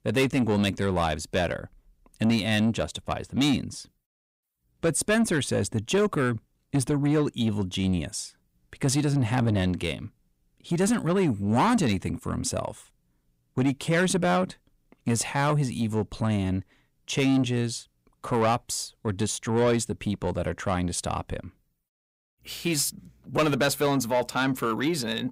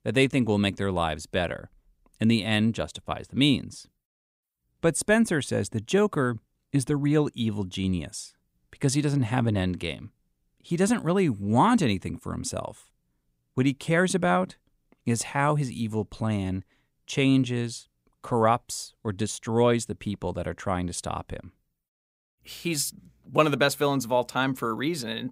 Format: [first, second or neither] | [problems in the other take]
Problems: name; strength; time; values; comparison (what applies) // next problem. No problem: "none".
second | distortion; slight; 10 dB below the speech